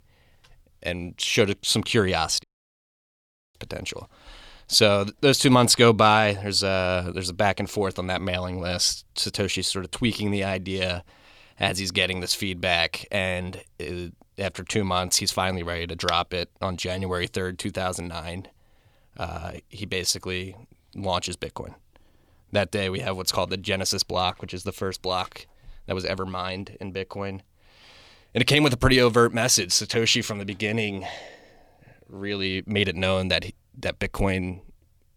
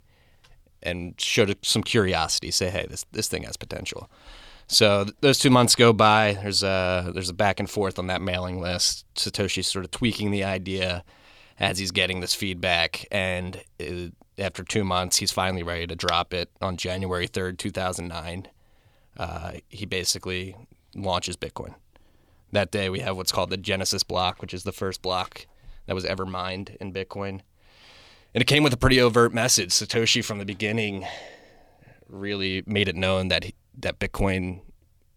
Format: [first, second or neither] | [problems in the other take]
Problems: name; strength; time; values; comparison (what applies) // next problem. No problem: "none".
second | audio cutting out; at 2.5 s for 1 s